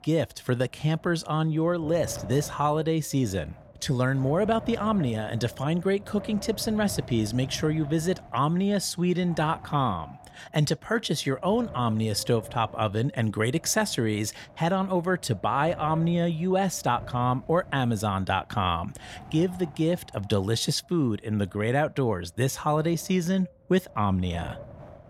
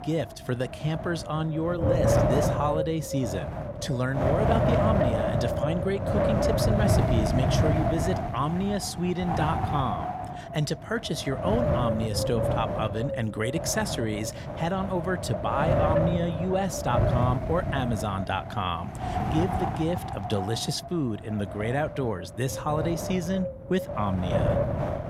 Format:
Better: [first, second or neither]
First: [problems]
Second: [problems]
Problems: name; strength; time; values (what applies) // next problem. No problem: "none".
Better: first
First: wind noise on the microphone; occasional gusts; 20 dB below the speech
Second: wind noise on the microphone; heavy; 1 dB above the speech